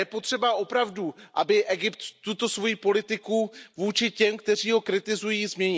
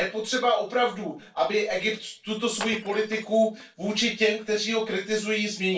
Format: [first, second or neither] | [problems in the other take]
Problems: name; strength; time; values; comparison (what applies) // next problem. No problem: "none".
first | noise reduction (neural separator model SepFormer DNS4)